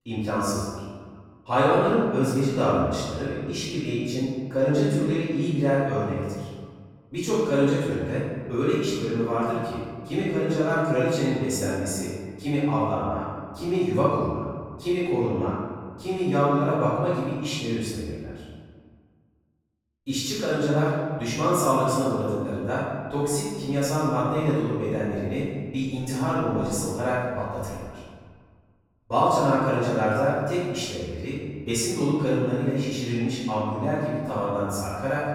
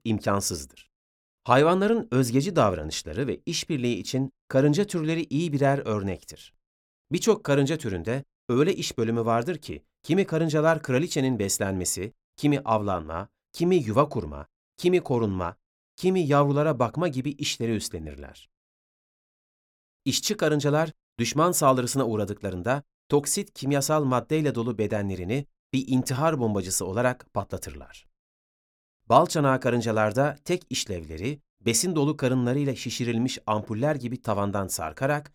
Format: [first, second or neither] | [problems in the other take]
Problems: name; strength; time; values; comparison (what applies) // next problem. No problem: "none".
second | room echo; strong; dies away in 1.6 s // off-mic speech; far